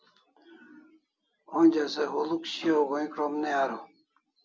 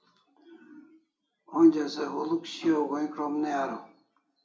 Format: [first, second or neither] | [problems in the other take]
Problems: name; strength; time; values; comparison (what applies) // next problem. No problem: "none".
first | room echo; dies away in 0.3 s